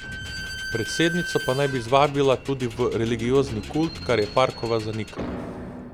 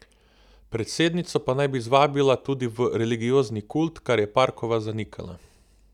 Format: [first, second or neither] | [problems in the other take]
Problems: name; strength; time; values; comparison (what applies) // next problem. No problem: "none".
second | background sound (Squeak / Slam); 10 dB below the speech